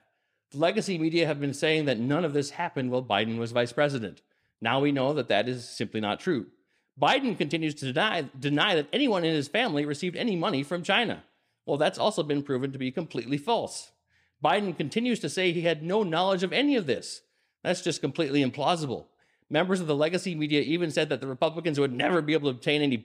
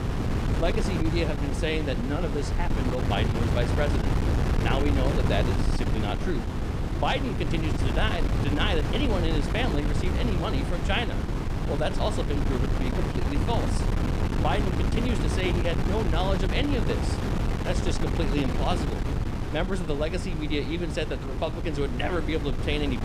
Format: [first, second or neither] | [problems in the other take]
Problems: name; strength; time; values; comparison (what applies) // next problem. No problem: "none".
first | wind noise on the microphone; heavy; 3 dB below the speech